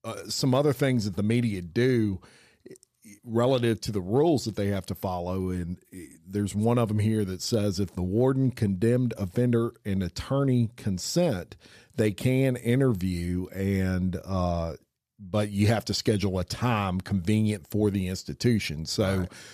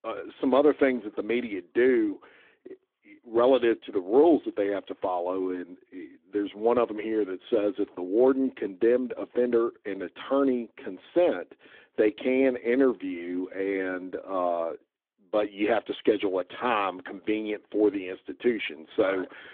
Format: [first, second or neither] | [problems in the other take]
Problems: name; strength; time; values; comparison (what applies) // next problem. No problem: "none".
first | phone-call audio; nothing above 3.5 kHz